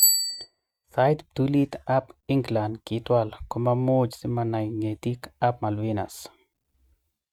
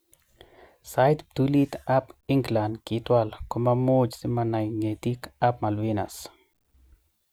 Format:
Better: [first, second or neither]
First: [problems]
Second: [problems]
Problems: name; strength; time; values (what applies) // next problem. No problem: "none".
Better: second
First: noise reduction (neural mask model RNNoise)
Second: none